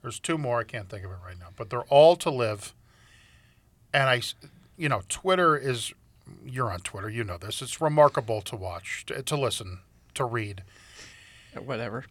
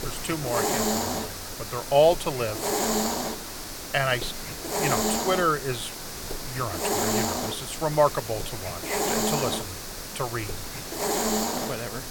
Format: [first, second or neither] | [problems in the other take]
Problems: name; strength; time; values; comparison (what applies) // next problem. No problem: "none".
first | hiss; loud; throughout; 1 dB below the speech